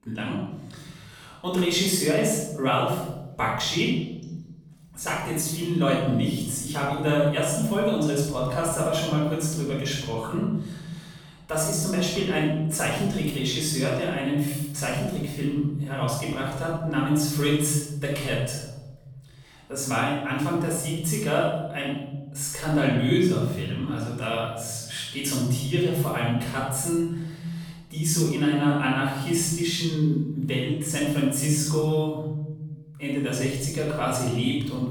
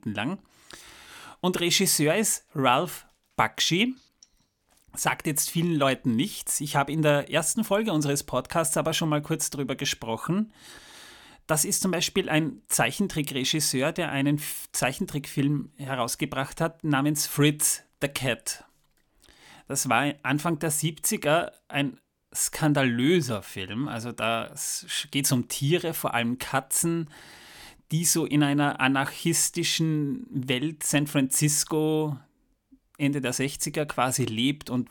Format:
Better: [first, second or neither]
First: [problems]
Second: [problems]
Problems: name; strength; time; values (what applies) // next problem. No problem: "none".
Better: second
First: off-mic speech; far // room echo; strong; dies away in 1.7 s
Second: none